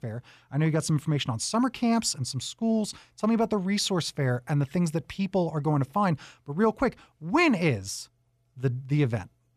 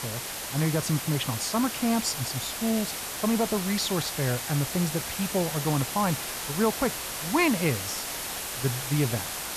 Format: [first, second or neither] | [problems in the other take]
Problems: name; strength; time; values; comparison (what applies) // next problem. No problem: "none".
first | hiss; loud; throughout; 3 dB below the speech